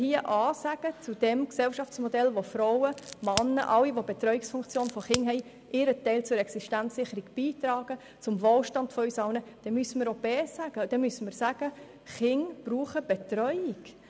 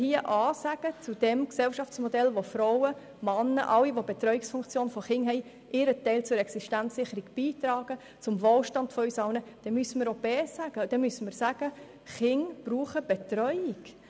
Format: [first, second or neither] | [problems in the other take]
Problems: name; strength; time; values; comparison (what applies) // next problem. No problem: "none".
second | background sound (Crack); 12 dB below the speech